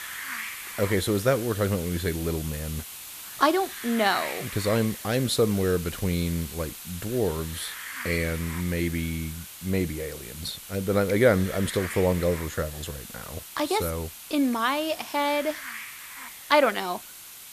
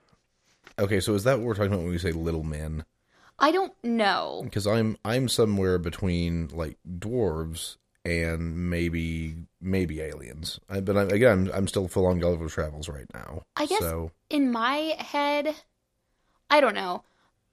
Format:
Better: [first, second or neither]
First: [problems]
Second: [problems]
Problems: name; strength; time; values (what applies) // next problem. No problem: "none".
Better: second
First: hiss; noticeable; throughout; 10 dB below the speech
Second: none